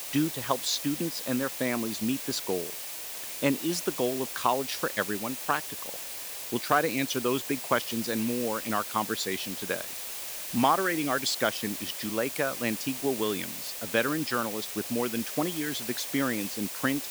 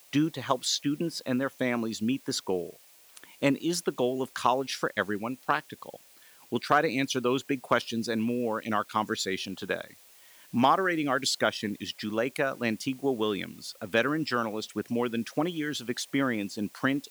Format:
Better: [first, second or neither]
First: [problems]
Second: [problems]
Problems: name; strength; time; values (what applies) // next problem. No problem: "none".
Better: second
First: hiss; loud; throughout; 5 dB below the speech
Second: hiss; faint; throughout; 25 dB below the speech